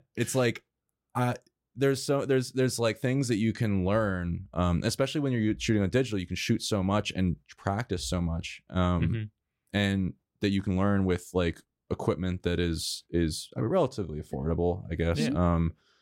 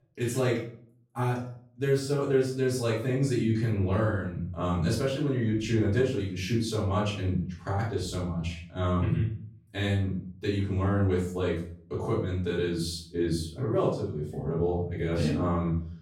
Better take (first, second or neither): first